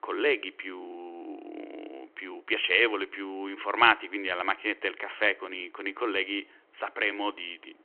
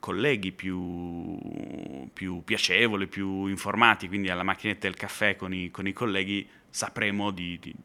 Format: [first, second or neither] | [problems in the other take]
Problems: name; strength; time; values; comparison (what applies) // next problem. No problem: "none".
second | phone-call audio